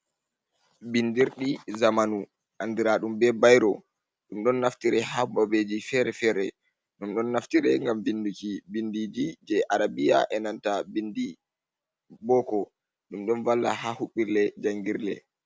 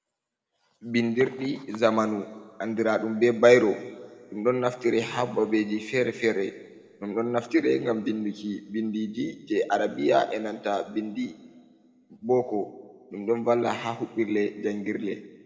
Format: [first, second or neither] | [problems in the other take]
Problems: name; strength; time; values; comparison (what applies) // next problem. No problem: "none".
first | room echo; dies away in 1.7 s